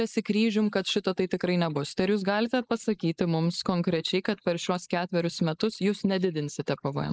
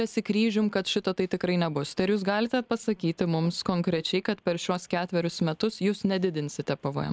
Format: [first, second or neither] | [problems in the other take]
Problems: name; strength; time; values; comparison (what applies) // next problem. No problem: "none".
second | noise reduction (neural mask model Resemble Enhance denoiser)